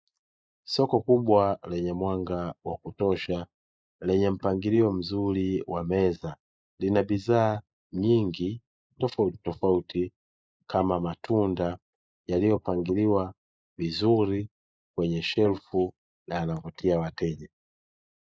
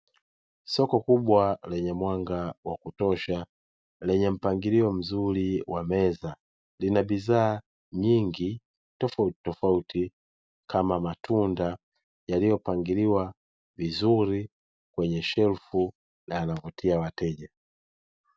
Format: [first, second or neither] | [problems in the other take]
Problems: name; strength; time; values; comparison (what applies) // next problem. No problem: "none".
second | noise reduction (neural mask model Resemble Enhance denoiser)